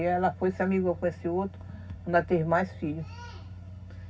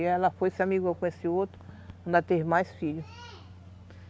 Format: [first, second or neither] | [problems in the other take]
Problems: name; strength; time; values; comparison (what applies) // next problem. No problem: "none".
second | room echo; dies away in 0.4 s